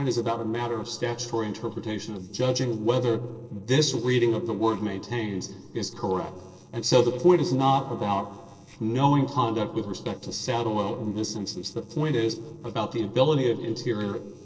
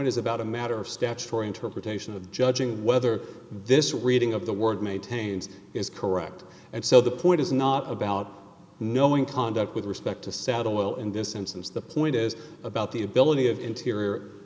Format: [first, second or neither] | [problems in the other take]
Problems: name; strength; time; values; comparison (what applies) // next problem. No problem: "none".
second | noise reduction (neural separator model SepFormer DNS4)